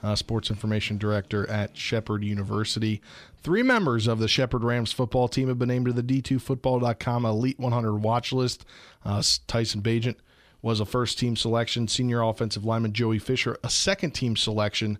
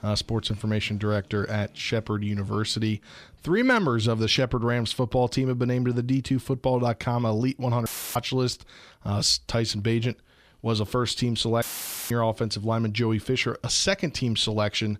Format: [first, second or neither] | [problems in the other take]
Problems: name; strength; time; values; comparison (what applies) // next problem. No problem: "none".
first | audio cutting out; filled with static; at 8 s and at 12 s